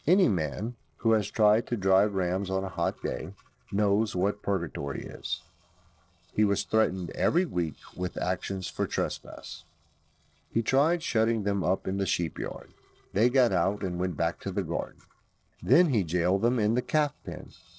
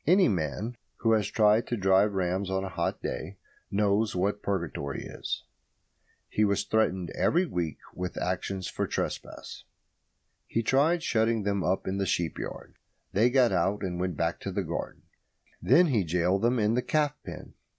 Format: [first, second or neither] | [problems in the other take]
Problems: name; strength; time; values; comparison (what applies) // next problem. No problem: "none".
second | noise reduction (neural separator model SepFormer DNS4)